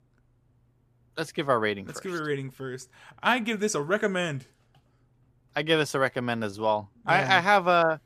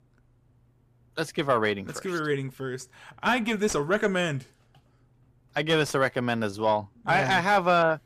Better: first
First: none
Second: distortion; slight; 10 dB below the speech

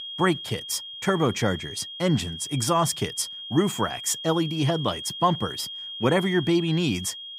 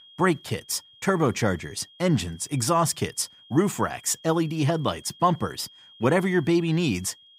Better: second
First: high-pitched whine; loud; throughout; 3.5 kHz, 9 dB below the speech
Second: high-pitched whine; faint; throughout; 3.5 kHz, 25 dB below the speech

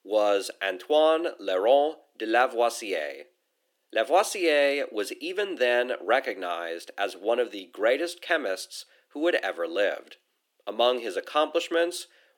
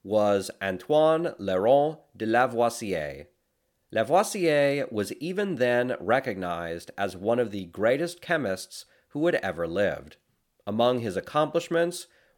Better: second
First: thin; somewhat; fading below 300 Hz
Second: none

